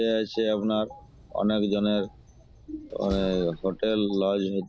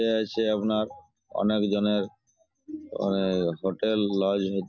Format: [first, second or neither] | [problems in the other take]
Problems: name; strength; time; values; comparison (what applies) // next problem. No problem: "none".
second | background sound (Slam); 20 dB below the speech